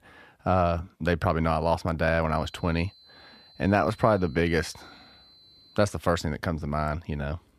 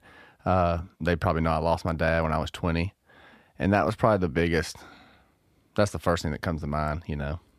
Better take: second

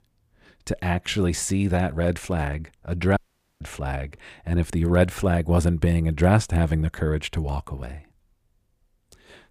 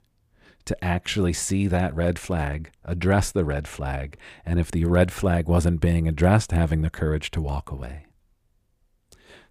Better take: second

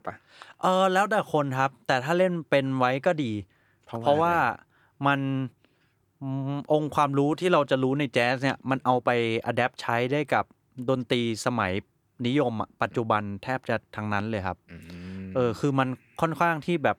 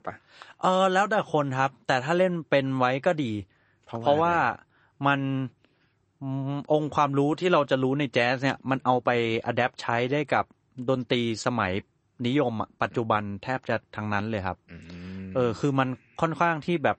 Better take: first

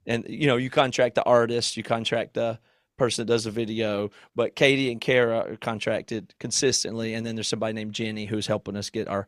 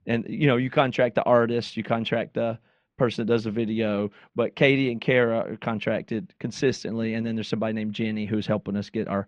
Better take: first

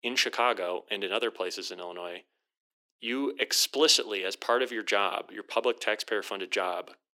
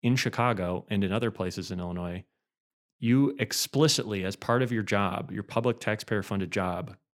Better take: second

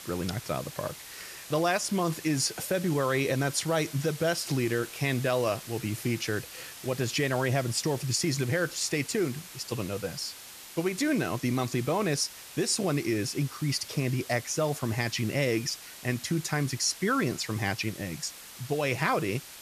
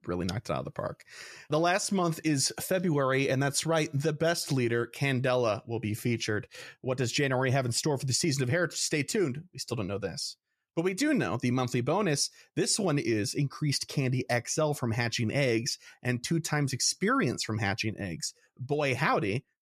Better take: second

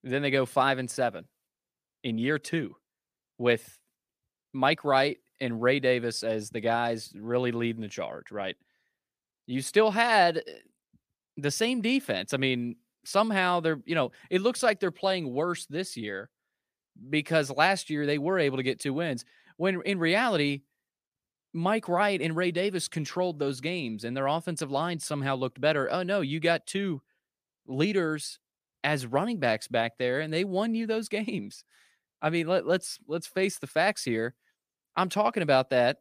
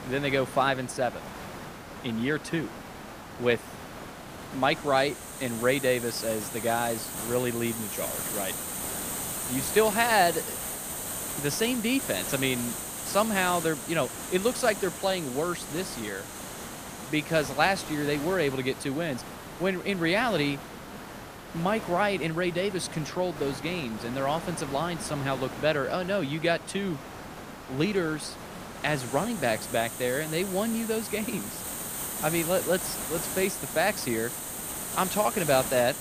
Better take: first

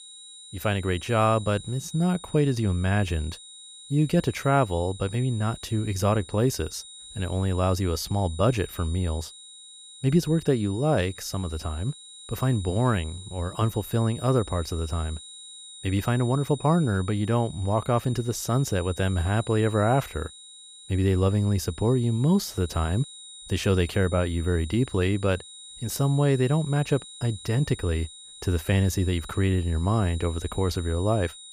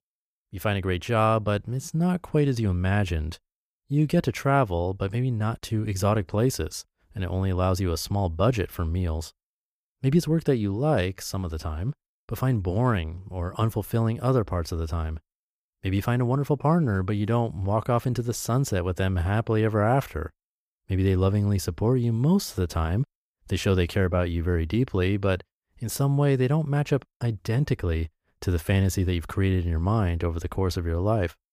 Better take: second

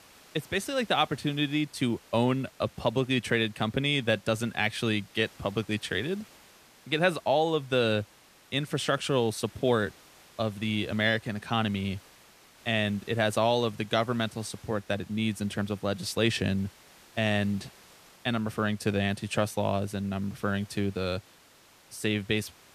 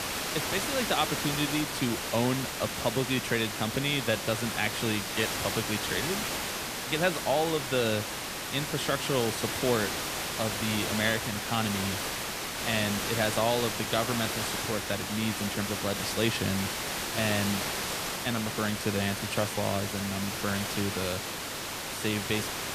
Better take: first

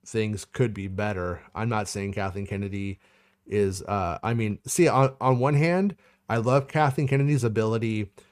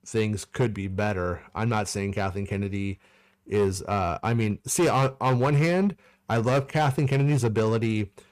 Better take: first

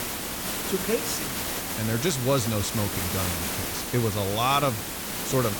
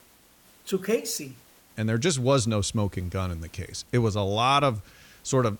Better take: second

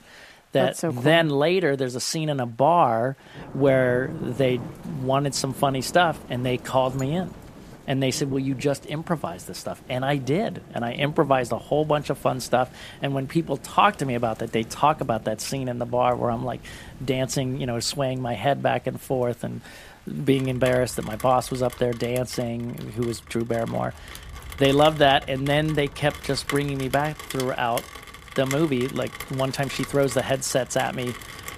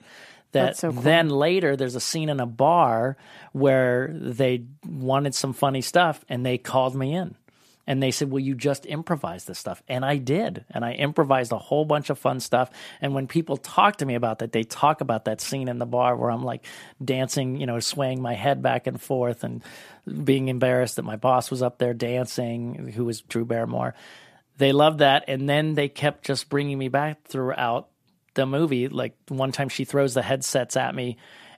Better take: second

